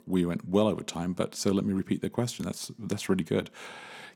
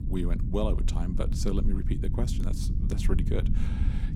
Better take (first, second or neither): first